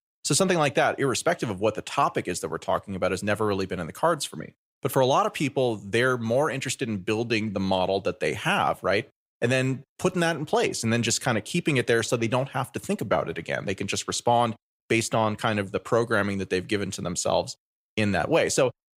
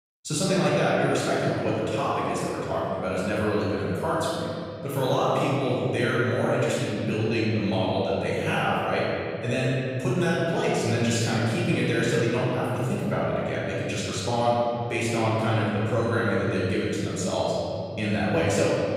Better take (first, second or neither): first